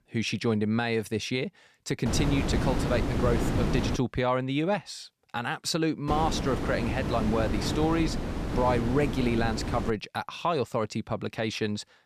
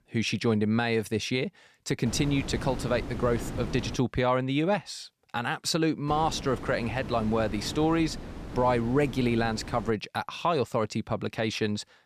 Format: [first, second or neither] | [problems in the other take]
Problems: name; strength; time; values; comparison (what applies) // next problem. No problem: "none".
second | wind noise on the microphone; heavy; from 2 to 4 s and from 6 to 10 s; 5 dB below the speech; occasional gusts in the second